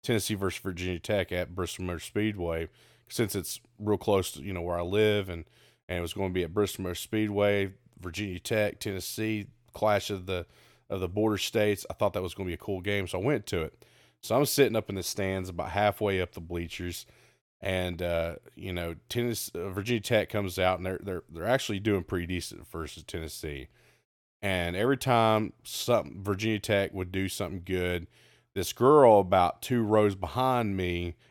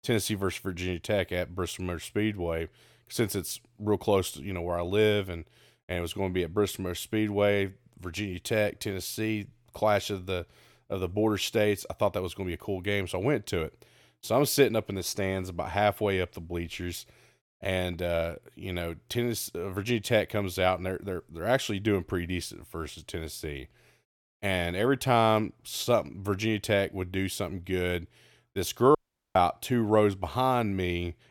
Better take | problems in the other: first | audio cutting out; at 29 s

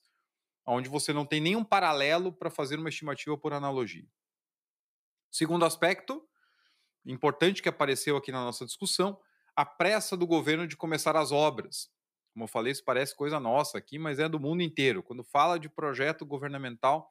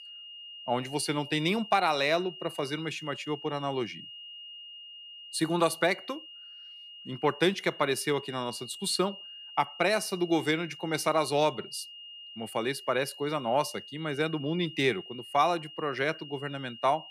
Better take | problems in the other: first | high-pitched whine; noticeable; throughout; 3 kHz, 15 dB below the speech

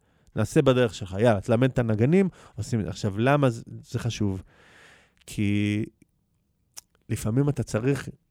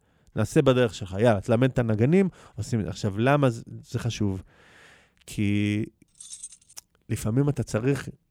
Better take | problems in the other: first | jangling keys; faint; at 6 s; peak 15 dB below the speech

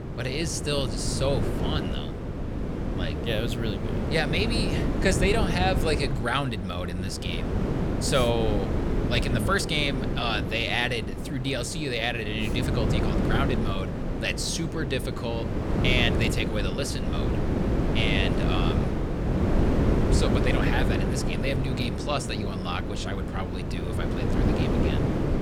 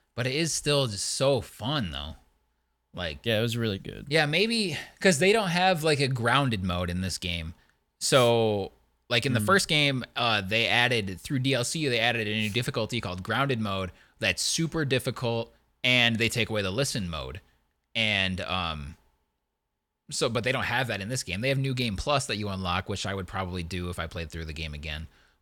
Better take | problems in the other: second | wind noise on the microphone; heavy; 4 dB below the speech

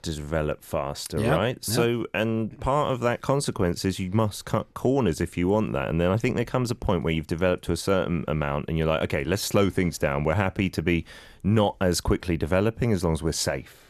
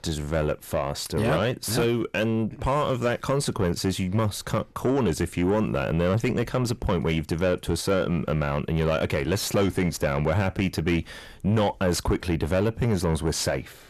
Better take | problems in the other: first | distortion; slight; 10 dB below the speech

